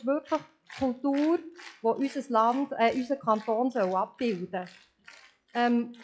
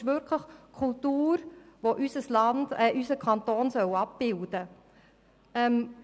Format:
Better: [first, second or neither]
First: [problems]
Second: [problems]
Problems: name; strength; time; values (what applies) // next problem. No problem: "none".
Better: second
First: noise reduction (classical method log-MMSE)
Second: none